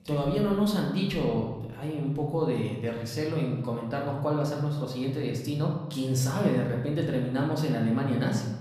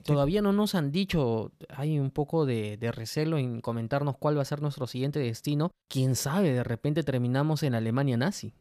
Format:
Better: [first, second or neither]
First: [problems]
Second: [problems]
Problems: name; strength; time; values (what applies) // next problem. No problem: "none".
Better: second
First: room echo; noticeable; dies away in 0.9 s // off-mic speech; far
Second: none